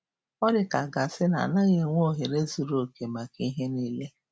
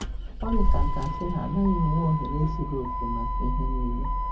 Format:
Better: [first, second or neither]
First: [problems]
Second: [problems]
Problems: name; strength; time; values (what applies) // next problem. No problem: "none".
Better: first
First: none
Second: background sound (Motor vehicle (road)); 3 dB above the speech // room echo; dies away in 0.4 s